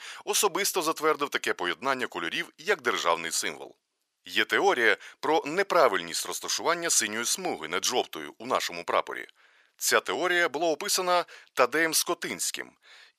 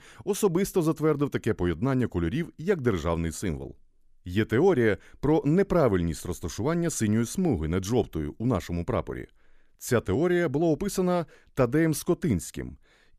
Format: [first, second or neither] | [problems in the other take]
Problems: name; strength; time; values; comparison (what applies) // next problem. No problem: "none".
second | thin; very; fading below 850 Hz